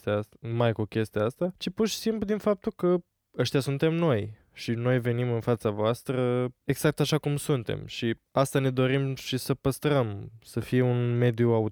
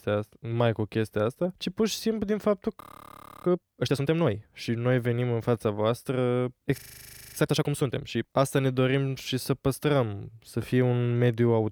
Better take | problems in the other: first | audio freezing; at 3 s for 0.5 s and at 7 s for 0.5 s

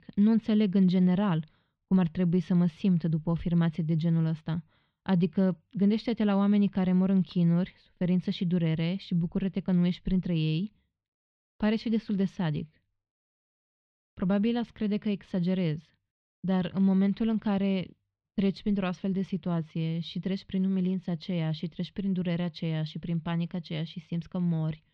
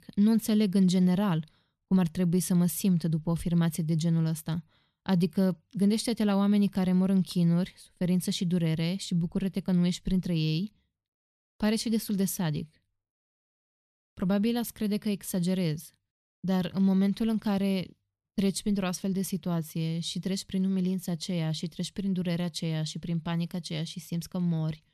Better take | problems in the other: second | muffled; slightly; fading above 3.5 kHz

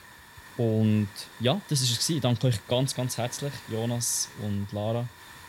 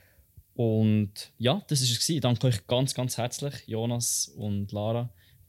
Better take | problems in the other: second | hiss; noticeable; throughout; 20 dB below the speech

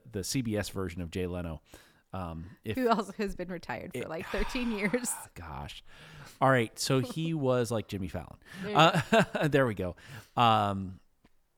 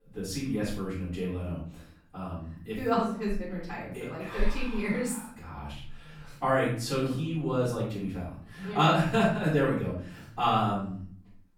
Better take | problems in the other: first | off-mic speech; far // room echo; noticeable; dies away in 0.5 s

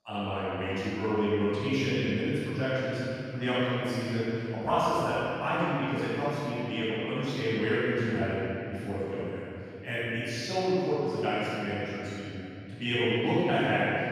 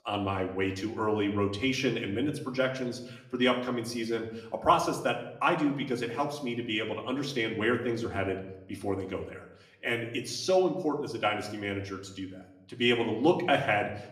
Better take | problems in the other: second | room echo; strong; dies away in 3 s; slight in the second // off-mic speech; far; somewhat distant in the second

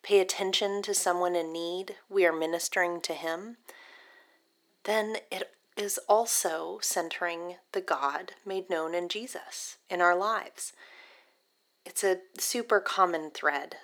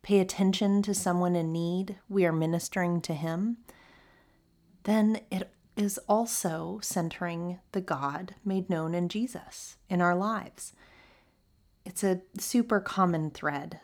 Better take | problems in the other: second | thin; very; fading below 400 Hz

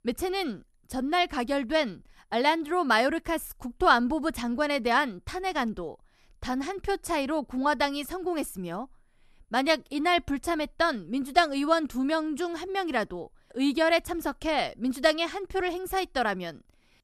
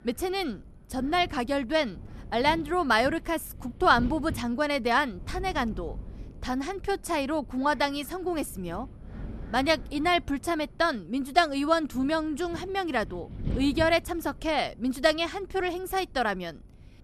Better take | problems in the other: first | wind noise on the microphone; occasional gusts; 25 dB below the speech

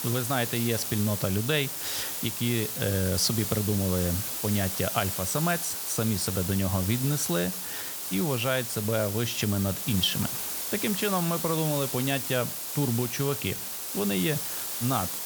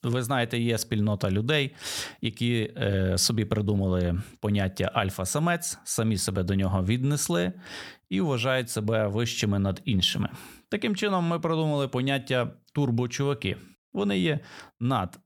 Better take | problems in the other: second | hiss; loud; throughout; 2 dB below the speech

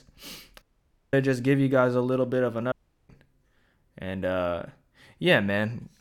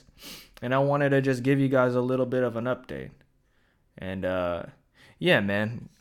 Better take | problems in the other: second | audio cutting out; at 0.5 s for 0.5 s and at 2.5 s

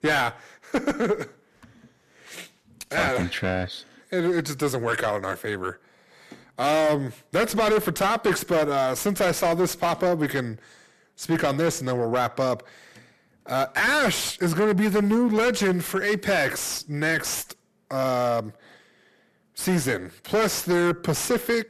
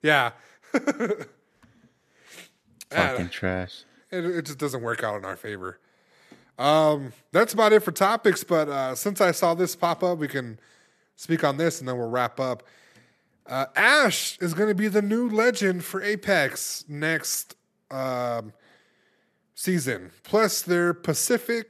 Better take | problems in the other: second | distortion; heavy; 6 dB below the speech

